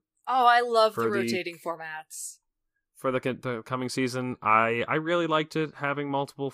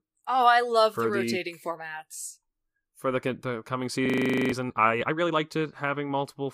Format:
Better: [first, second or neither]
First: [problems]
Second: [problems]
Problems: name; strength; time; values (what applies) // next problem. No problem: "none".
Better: first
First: none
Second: audio freezing; at 4 s